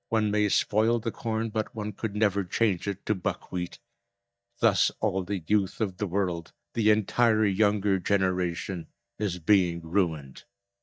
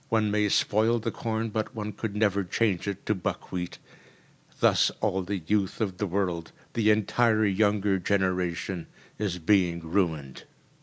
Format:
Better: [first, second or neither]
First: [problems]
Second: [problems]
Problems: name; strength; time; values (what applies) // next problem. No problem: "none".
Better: second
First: noise reduction (neural mask model DeepFilterNet 3)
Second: none